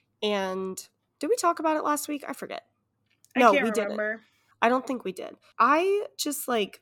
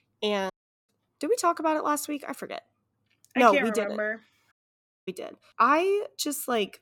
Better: first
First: none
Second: audio cutting out; at 0.5 s and at 4.5 s for 0.5 s

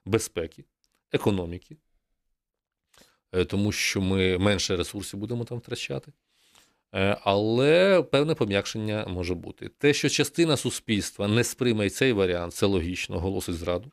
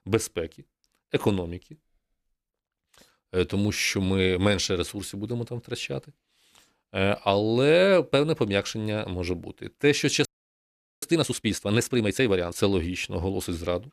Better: first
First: none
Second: audio freezing; at 10 s for 1 s

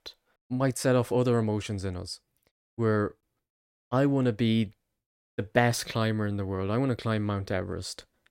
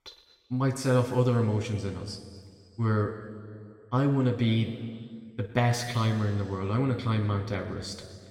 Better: first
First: none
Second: room echo; noticeable; dies away in 1.8 s // off-mic speech; somewhat distant

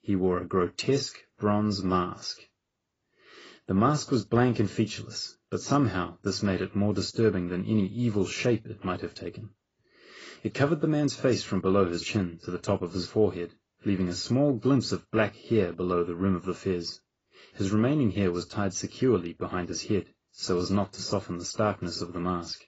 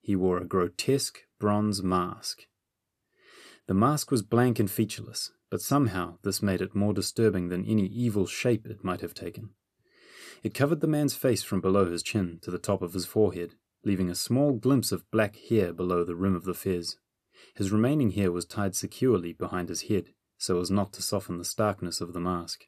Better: second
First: garbled, watery; badly; nothing above 7.5 kHz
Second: none

